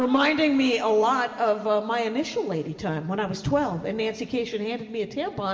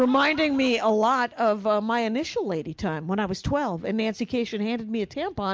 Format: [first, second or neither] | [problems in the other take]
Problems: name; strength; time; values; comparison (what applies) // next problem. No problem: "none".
second | room echo; dies away in 1.9 s